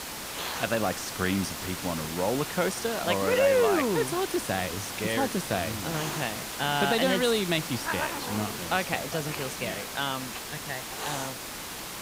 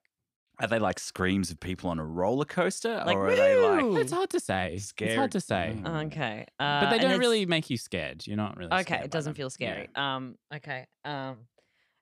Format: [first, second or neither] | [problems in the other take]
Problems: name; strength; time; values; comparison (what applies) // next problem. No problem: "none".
second | hiss; loud; throughout; 5 dB below the speech